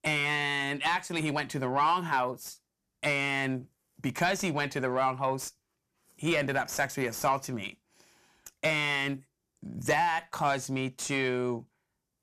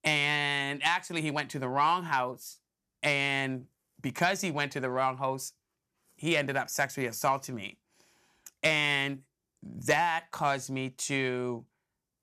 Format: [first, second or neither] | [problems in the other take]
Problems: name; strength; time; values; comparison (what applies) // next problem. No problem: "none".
second | distortion; slight; 10 dB below the speech